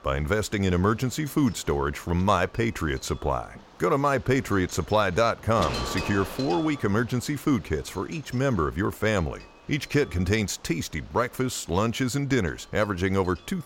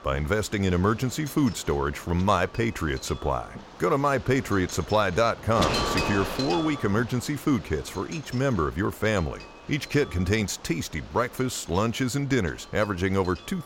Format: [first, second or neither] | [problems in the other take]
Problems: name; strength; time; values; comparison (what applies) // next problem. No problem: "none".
first | wind noise on the microphone; heavy; 9 dB below the speech; occasional gusts in the first